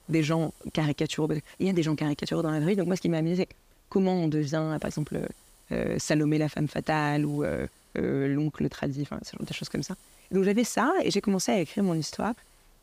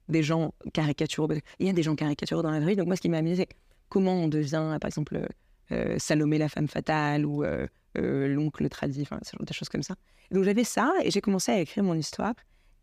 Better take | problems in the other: second | hiss; faint; throughout; 25 dB below the speech

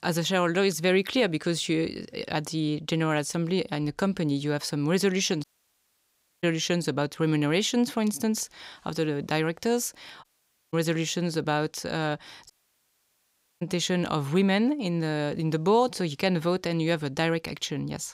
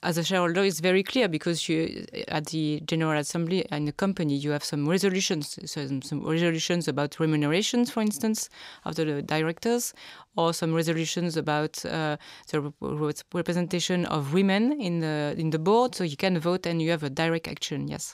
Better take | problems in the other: second | audio cutting out; at 5.5 s for 1 s, at 10 s and at 13 s for 1 s

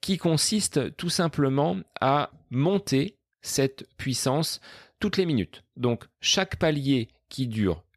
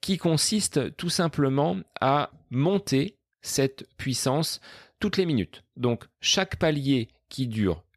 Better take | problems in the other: neither | none

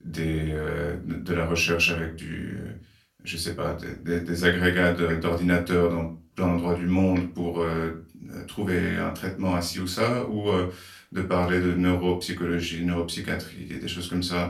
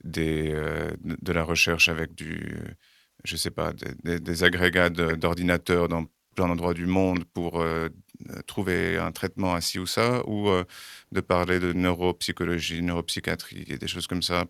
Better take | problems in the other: second | off-mic speech; far // room echo; very slight; dies away in 0.3 s

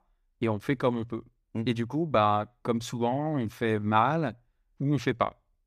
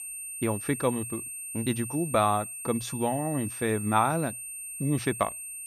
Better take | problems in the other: first | high-pitched whine; loud; throughout; 9 kHz, 7 dB below the speech

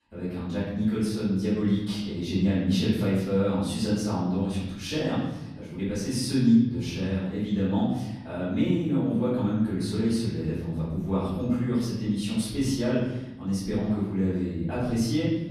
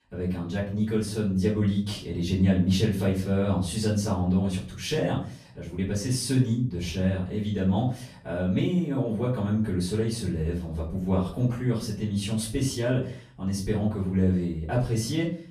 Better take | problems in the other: second | room echo; strong; dies away in 1.1 s; slight in the second // off-mic speech; far; far in the second

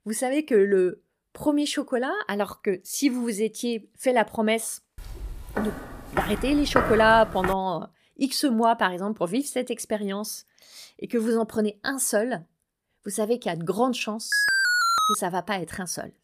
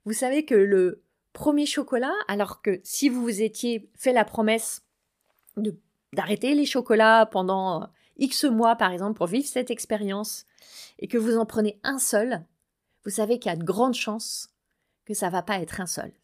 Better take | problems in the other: second | footsteps; loud; from 5 to 7.5 s; peak level with the speech // alarm; loud; at 14 s; peak 5 dB above the speech

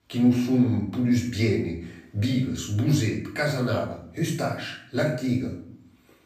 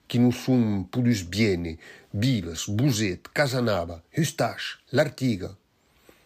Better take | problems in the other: second | room echo; slight; dies away in 0.5 s // off-mic speech; far

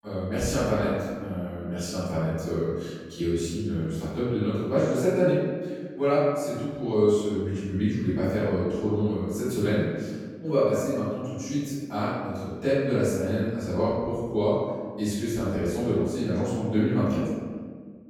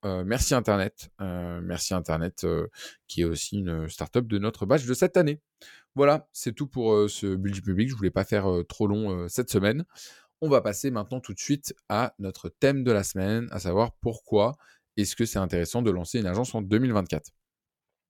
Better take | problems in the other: second | off-mic speech; far // room echo; strong; dies away in 1.7 s

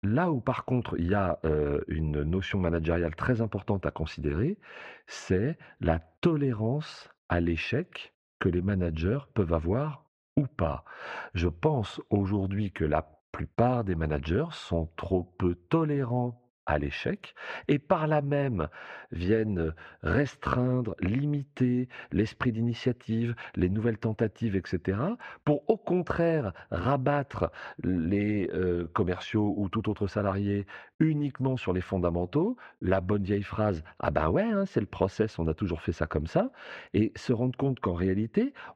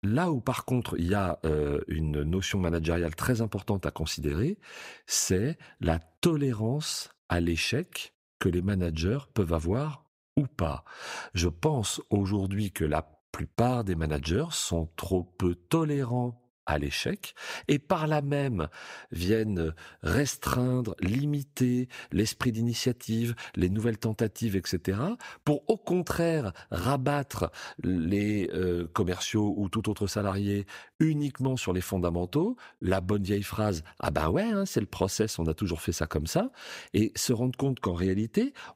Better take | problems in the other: second | muffled; very; fading above 2 kHz

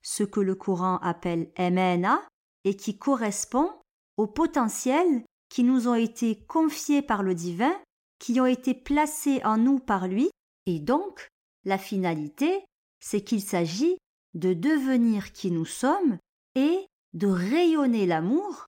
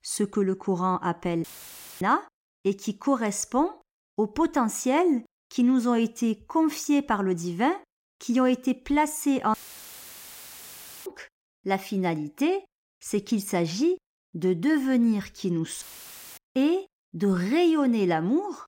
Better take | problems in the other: first | audio cutting out; filled with static; at 1.5 s for 0.5 s, at 9.5 s for 1.5 s and at 16 s for 0.5 s

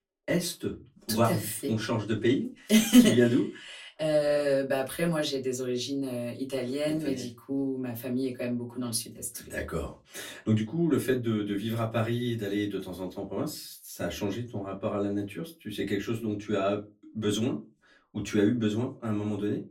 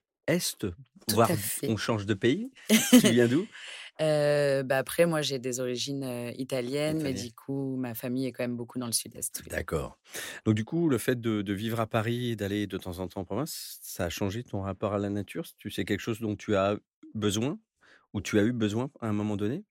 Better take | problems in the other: second | off-mic speech; far // room echo; very slight; dies away in 0.2 s

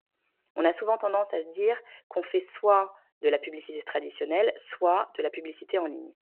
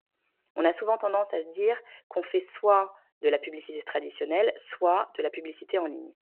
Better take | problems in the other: neither | phone-call audio; the same in both

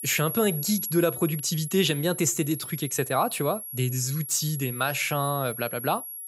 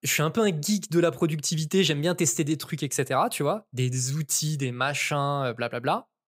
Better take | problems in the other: second | high-pitched whine; loud; throughout; 11.5 kHz, 7 dB below the speech

